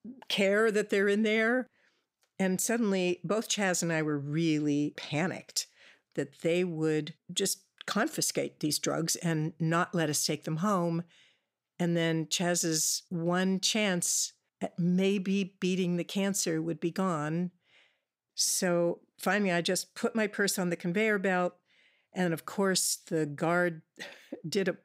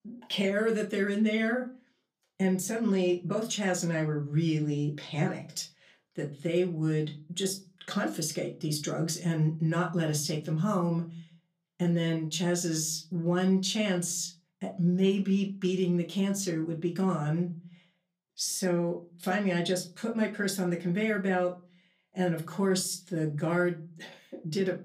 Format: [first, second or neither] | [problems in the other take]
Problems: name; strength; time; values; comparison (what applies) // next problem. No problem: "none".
first | off-mic speech; far // room echo; very slight; dies away in 0.3 s